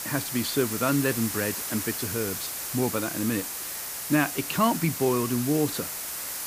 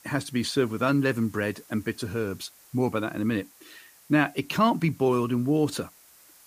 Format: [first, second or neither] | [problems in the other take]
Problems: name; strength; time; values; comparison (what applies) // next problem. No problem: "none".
second | hiss; loud; throughout; 3 dB below the speech; faint in the second